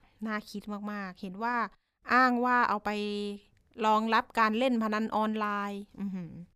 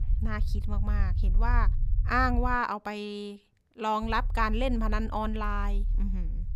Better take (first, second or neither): first